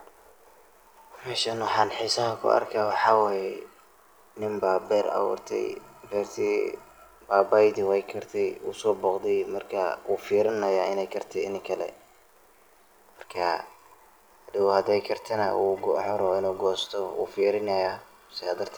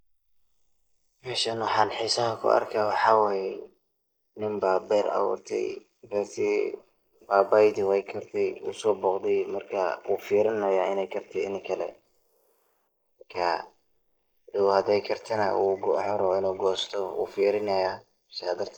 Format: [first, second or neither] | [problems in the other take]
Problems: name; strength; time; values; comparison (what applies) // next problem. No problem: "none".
first | noise reduction (neural mask model Resemble Enhance denoiser)